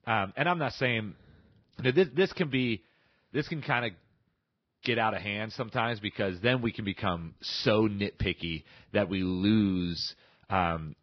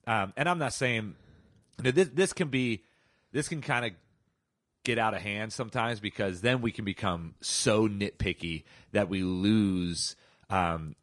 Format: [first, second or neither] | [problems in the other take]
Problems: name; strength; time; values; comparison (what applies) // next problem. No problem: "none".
second | garbled, watery; badly; nothing above 5.5 kHz; slightly in the second